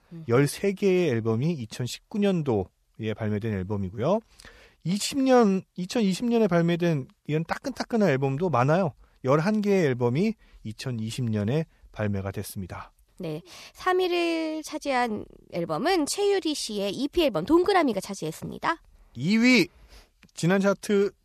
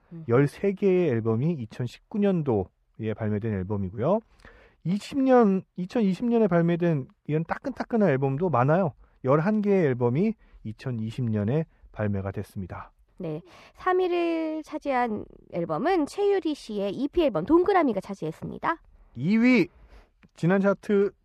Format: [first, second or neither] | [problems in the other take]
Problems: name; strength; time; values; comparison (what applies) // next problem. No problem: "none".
first | muffled; slightly; fading above 3 kHz